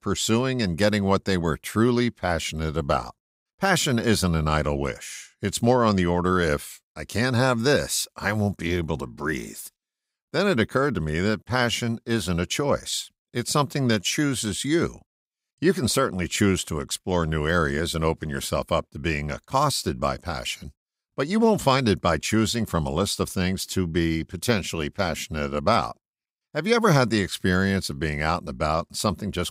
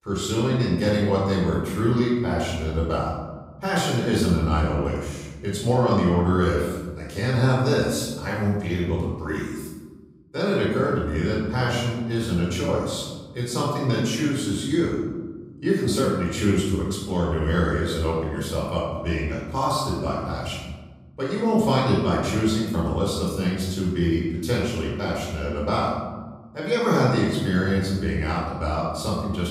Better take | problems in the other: first | off-mic speech; far // room echo; noticeable; dies away in 1.4 s

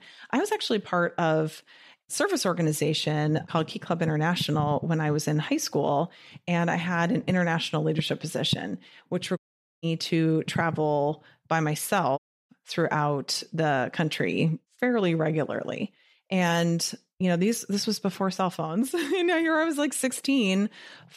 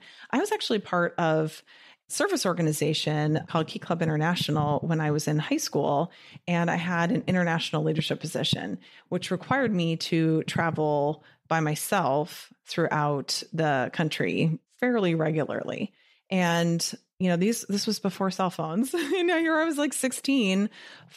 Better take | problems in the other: second | audio cutting out; at 9.5 s and at 12 s

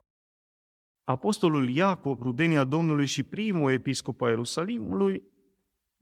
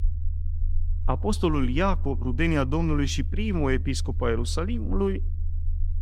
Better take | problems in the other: first | low rumble; faint; throughout; 20 dB below the speech

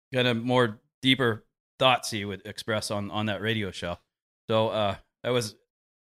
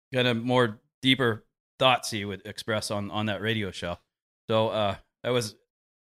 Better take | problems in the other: neither | none

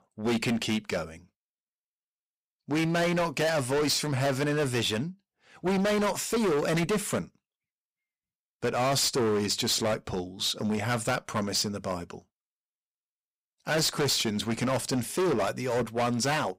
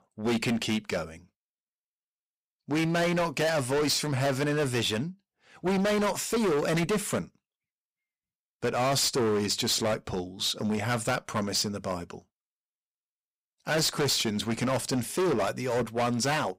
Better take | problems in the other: neither | distortion; heavy; 16% of the sound clipped; the same in both

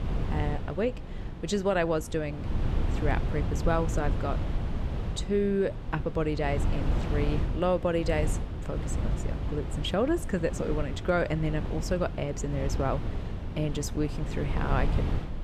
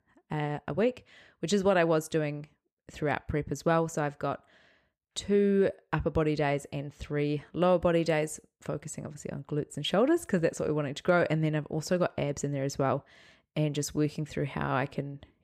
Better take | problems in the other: second | wind noise on the microphone; heavy; 10 dB below the speech

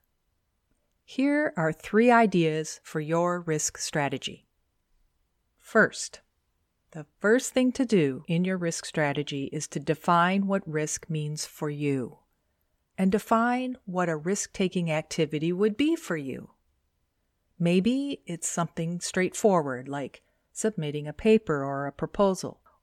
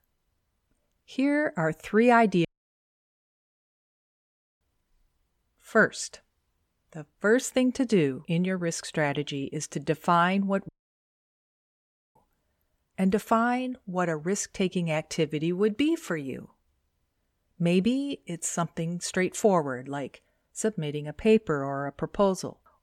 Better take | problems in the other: first | audio cutting out; at 2.5 s for 2 s and at 11 s for 1.5 s

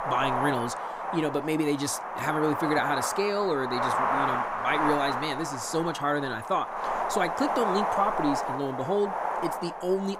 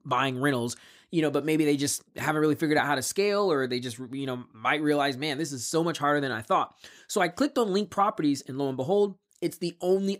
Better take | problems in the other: second | wind noise on the microphone; heavy; 1 dB above the speech

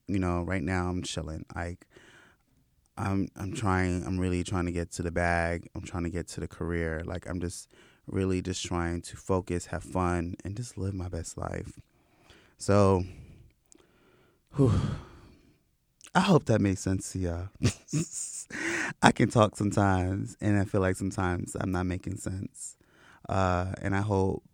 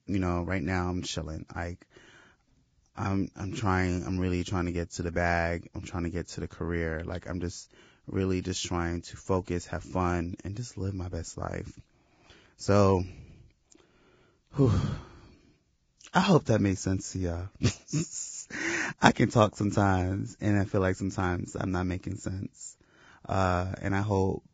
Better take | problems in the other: first | garbled, watery; badly; nothing above 7.5 kHz

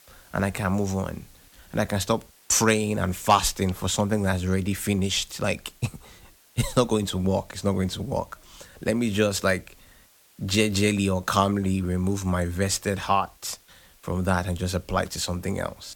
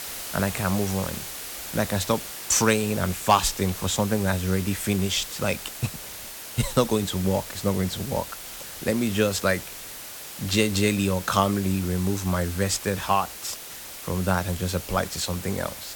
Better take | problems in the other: first | hiss; loud; throughout; 10 dB below the speech; faint in the first

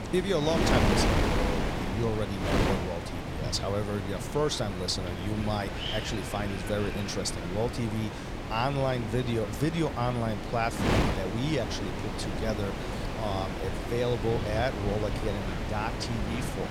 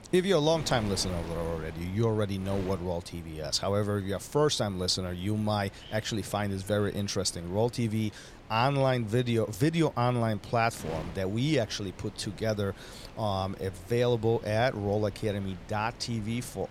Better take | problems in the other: second | wind noise on the microphone; heavy; 1 dB below the speech; occasional gusts in the second

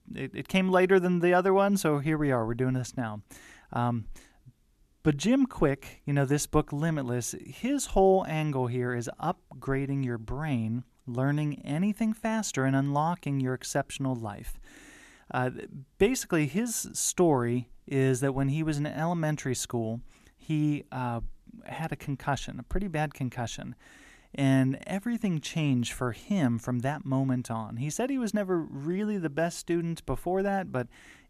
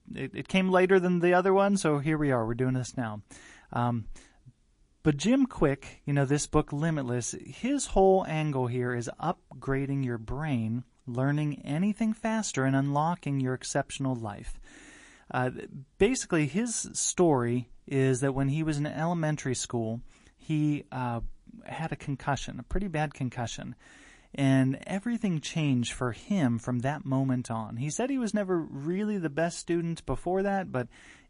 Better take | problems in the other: first | garbled, watery; slightly; nothing above 10.5 kHz

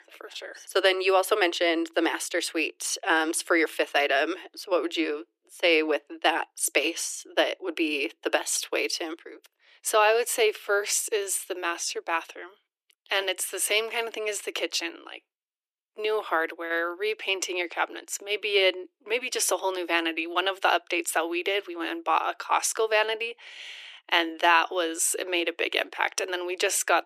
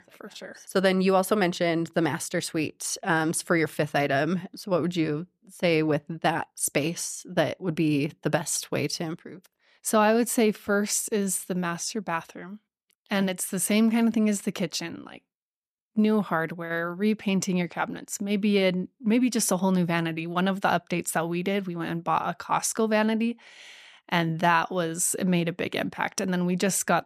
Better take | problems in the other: second | thin; very; fading below 350 Hz

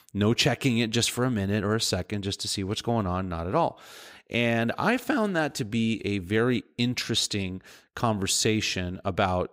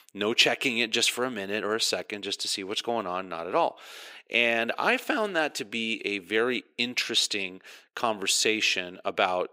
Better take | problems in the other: first | thin; somewhat; fading below 400 Hz

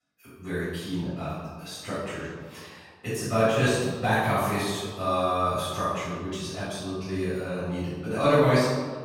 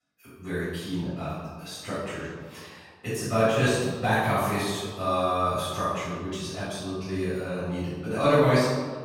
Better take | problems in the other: neither | off-mic speech; far; the same in both // room echo; strong; dies away in 1.3 s; the same in both

